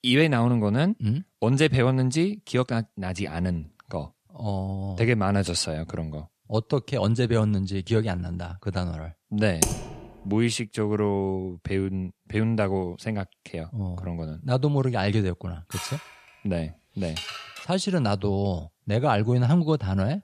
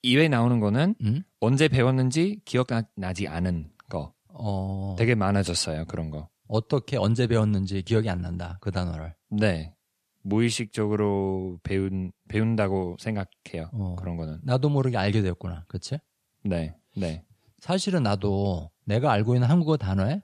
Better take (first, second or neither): second